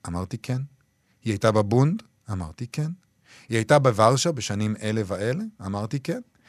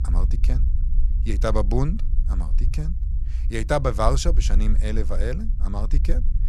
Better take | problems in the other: first | low rumble; noticeable; throughout; 20 dB below the speech

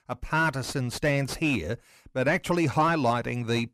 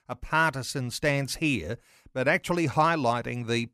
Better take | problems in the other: second | distortion; slight; 10 dB below the speech

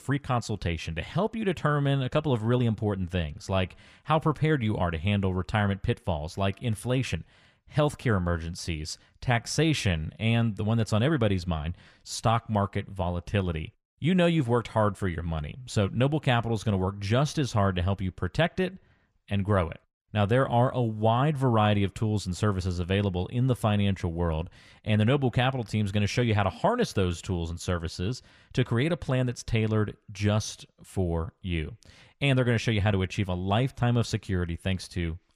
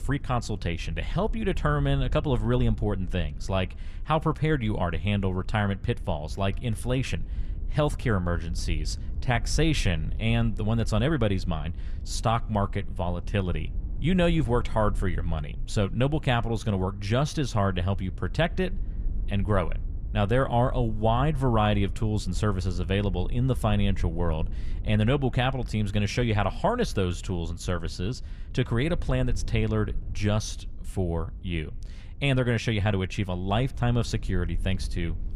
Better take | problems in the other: first | low rumble; faint; throughout; 25 dB below the speech

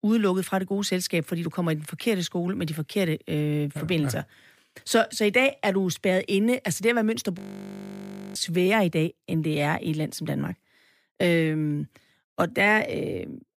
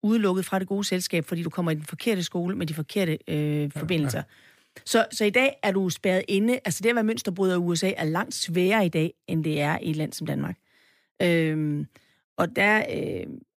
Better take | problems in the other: second | audio freezing; at 7.5 s for 1 s

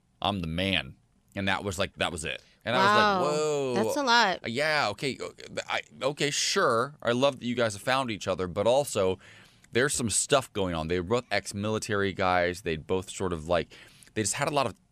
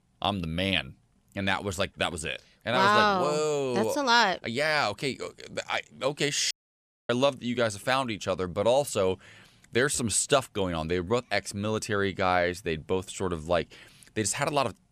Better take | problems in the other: first | audio cutting out; at 6.5 s for 0.5 s

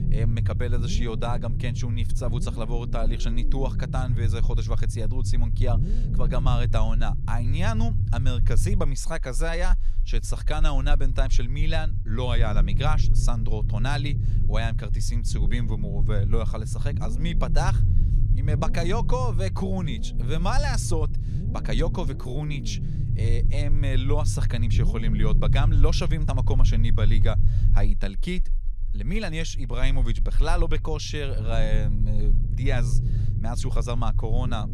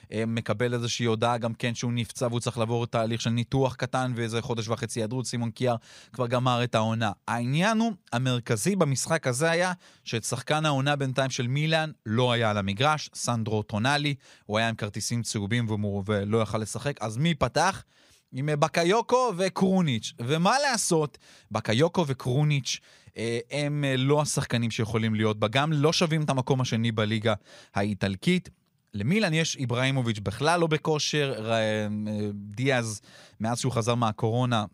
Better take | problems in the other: second | low rumble; loud; throughout; 9 dB below the speech

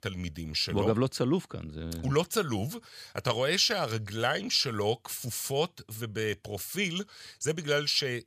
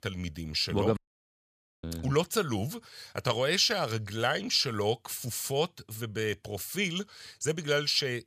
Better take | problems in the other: first | audio cutting out; at 1 s for 1 s

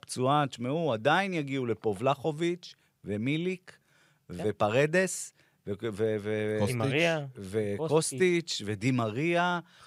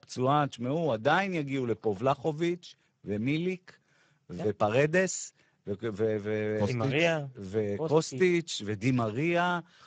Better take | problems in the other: first | garbled, watery; badly; nothing above 7.5 kHz

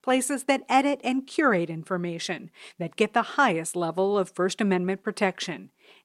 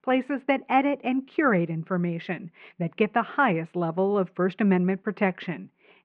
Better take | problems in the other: first | muffled; very; fading above 2.5 kHz

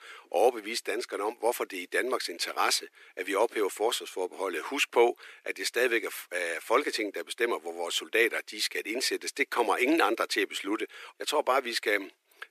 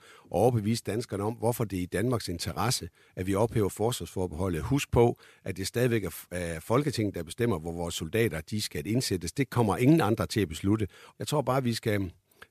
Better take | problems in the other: second | thin; very; fading below 350 Hz

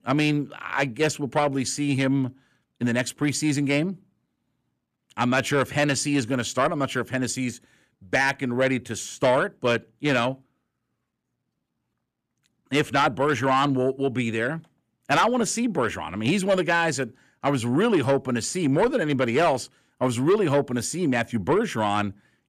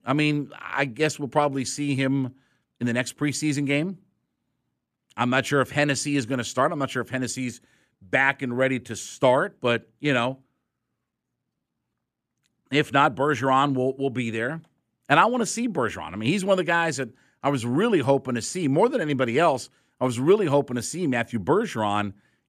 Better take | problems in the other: second | distortion; slight; 10 dB below the speech

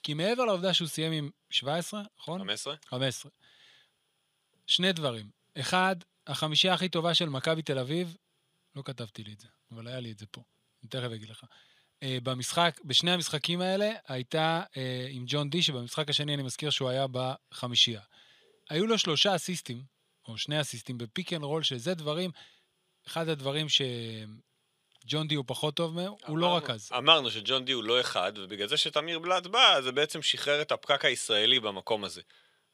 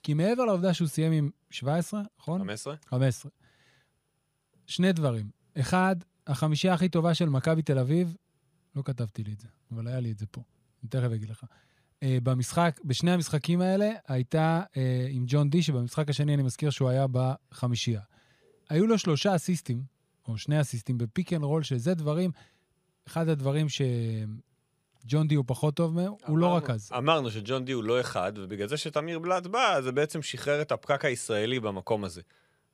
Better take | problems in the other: second | thin; very slightly; fading below 400 Hz

